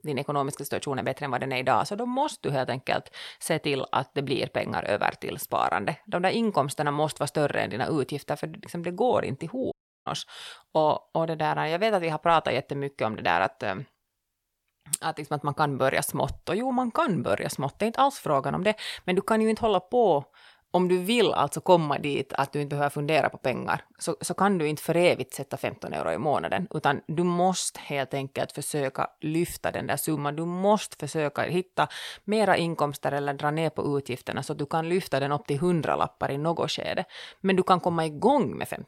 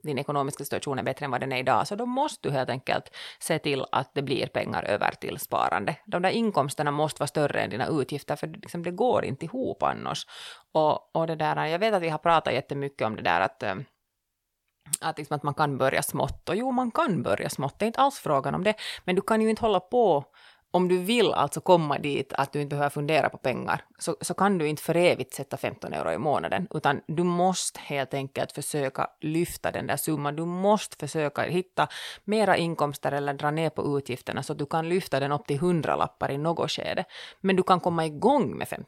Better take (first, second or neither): second